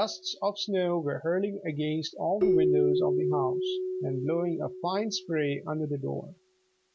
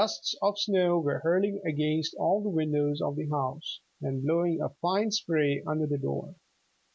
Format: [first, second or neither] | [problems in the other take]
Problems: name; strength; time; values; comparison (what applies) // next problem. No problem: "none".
second | background sound (Keyboard (musical)); 1 dB below the speech